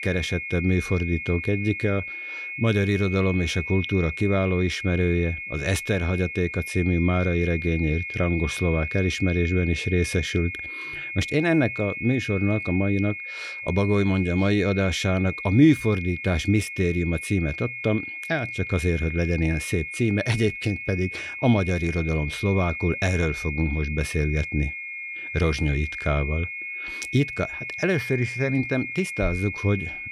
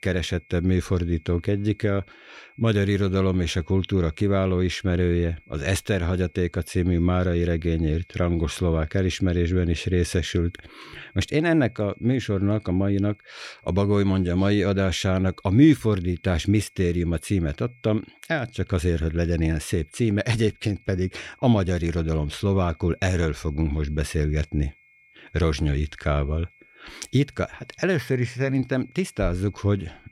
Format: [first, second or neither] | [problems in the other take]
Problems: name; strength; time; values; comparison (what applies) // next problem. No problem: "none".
second | high-pitched whine; loud; throughout; 2 kHz, 7 dB below the speech; faint in the second